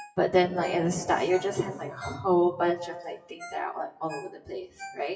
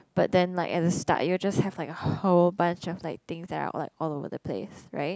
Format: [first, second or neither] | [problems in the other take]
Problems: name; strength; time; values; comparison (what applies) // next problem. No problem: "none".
second | noise reduction (classical method WPE with log-MMSE)